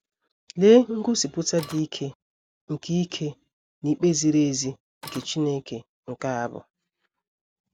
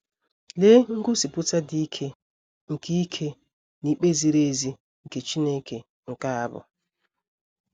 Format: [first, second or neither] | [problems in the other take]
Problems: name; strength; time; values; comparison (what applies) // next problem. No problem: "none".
second | background sound (Printer); 15 dB below the speech